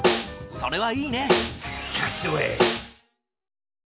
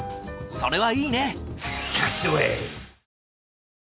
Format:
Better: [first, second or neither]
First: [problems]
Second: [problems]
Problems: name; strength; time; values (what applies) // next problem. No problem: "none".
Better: second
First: background sound (Snare drum); 2 dB above the speech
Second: none